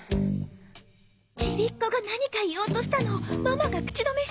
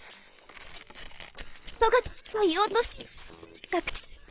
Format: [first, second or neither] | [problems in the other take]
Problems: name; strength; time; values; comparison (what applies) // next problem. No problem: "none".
first | noise reduction (neural separator model SepFormer WHAM!)